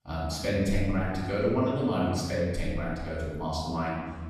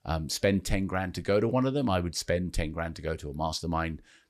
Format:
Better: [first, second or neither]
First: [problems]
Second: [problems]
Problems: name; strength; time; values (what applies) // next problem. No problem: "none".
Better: second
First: off-mic speech; far // room echo; strong; dies away in 1.4 s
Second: none